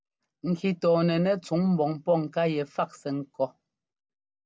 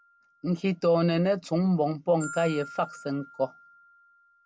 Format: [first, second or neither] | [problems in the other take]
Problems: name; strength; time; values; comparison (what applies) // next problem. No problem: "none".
first | background sound (Glockenspiel); 19 dB below the speech